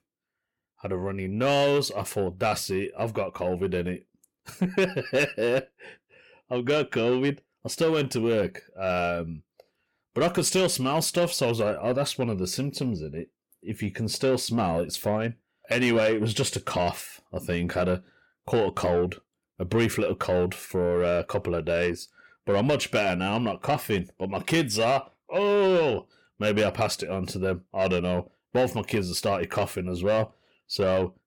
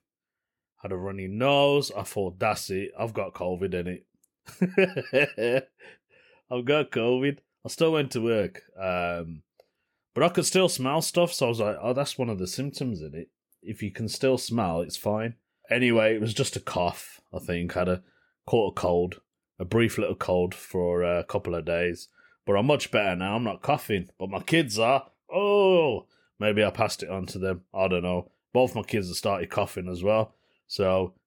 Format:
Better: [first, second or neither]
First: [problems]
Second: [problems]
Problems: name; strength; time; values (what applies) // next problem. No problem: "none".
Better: second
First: distortion; slight; 10 dB below the speech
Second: none